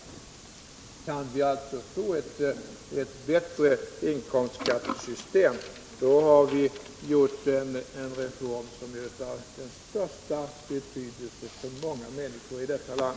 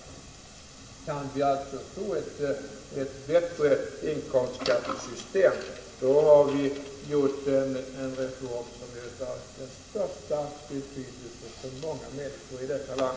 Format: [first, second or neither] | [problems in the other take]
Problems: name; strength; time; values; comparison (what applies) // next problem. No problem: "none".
first | room echo; dies away in 0.9 s